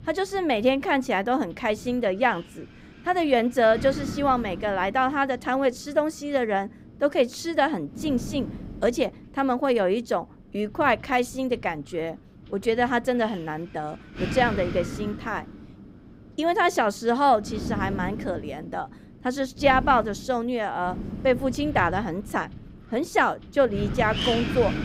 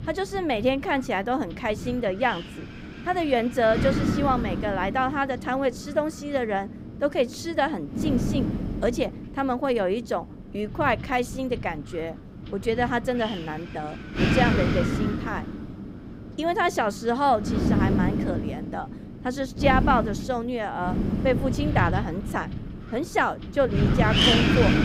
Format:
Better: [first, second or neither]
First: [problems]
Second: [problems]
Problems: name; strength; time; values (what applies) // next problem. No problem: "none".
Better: first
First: wind noise on the microphone; occasional gusts; 15 dB below the speech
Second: wind noise on the microphone; heavy; 4 dB below the speech